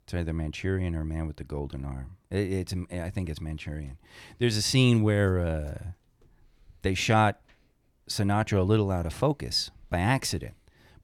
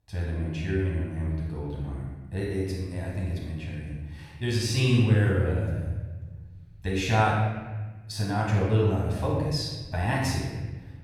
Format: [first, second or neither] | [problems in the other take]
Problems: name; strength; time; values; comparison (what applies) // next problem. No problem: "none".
first | room echo; strong; dies away in 1.3 s // off-mic speech; far